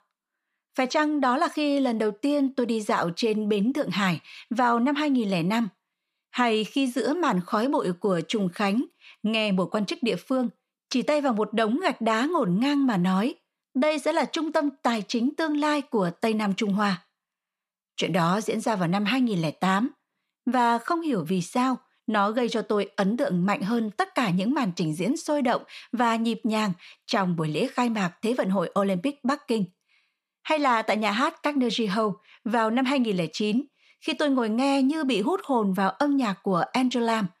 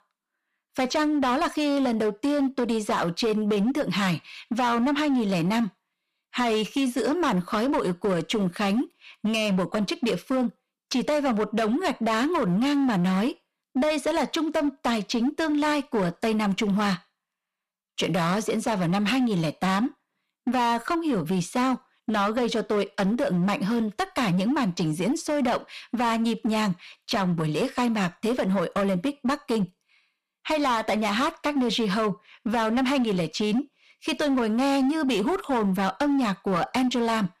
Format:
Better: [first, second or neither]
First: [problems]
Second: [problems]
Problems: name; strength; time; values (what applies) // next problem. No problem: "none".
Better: first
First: none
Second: distortion; slight; 15% of the sound clipped